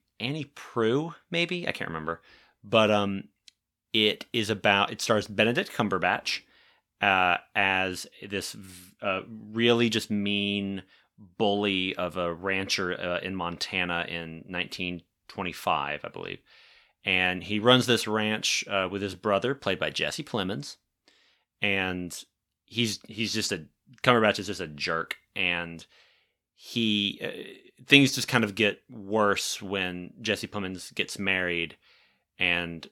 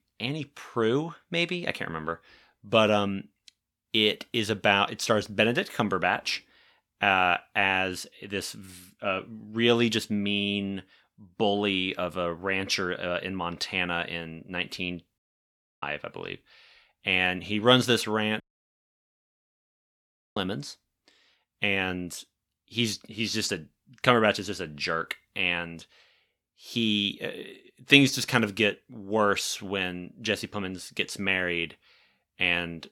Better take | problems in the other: first | audio cutting out; at 15 s for 0.5 s and at 18 s for 2 s

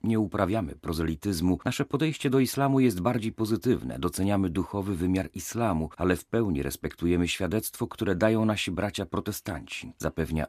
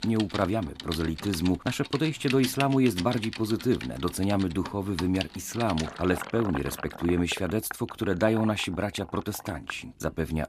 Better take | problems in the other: first | household noises; noticeable; throughout; 10 dB below the speech

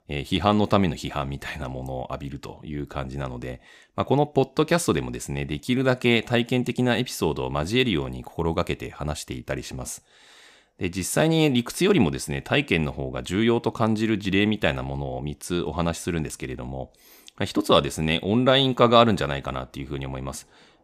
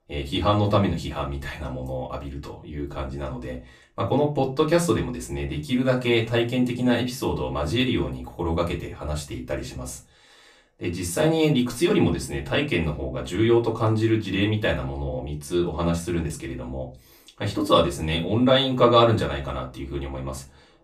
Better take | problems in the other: first | off-mic speech; far // room echo; very slight; dies away in 0.3 s

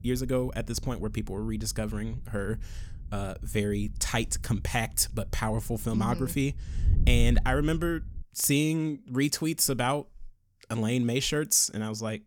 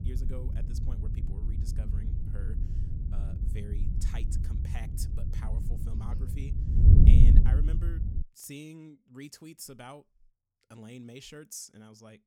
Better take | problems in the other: first | wind noise on the microphone; heavy; until 8 s; 3 dB above the speech; occasional gusts in the first

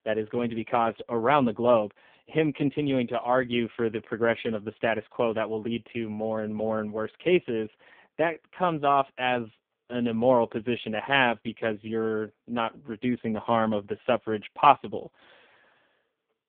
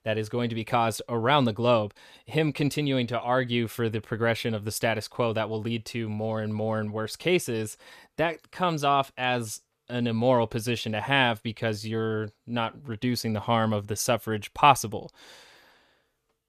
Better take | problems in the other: second | phone-call audio; poor line; nothing above 3.5 kHz

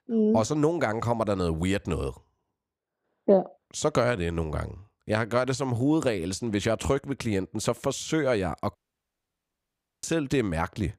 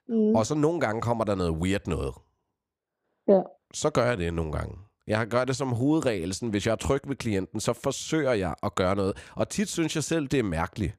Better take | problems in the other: second | audio cutting out; at 9 s for 1.5 s

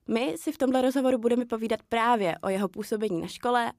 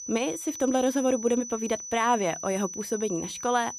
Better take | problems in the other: first | high-pitched whine; loud; throughout; 6 kHz, 9 dB below the speech

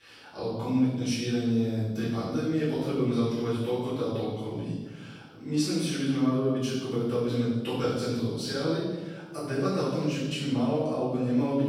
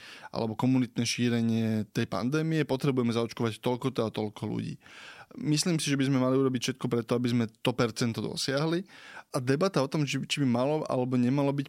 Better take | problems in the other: second | off-mic speech; far // room echo; strong; dies away in 1.2 s

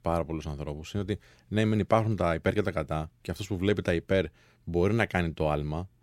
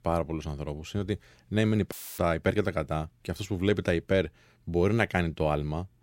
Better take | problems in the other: first | audio cutting out; filled with static; at 2 s

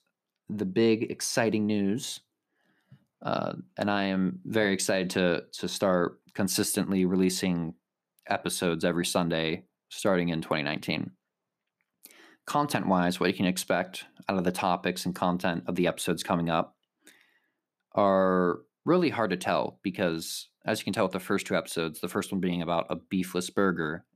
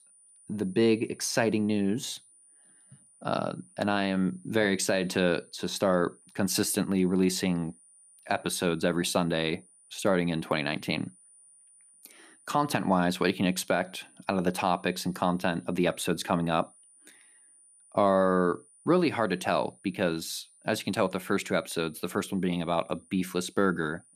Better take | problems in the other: first | high-pitched whine; faint; throughout; 9.5 kHz, 30 dB below the speech

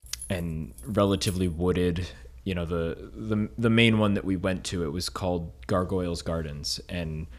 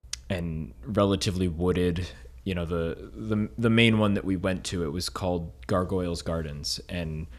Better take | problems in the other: second | jangling keys; faint; until 1.5 s; peak 15 dB below the speech

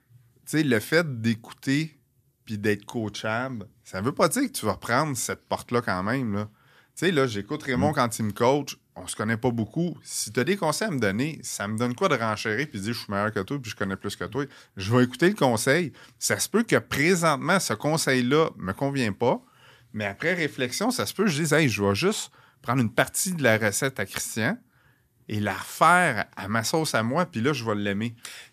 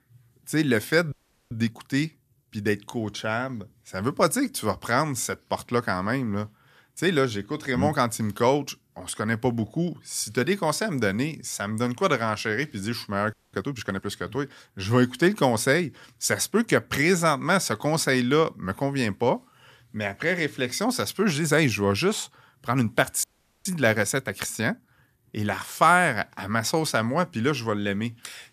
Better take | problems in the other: first | audio freezing; at 1 s, at 13 s and at 23 s

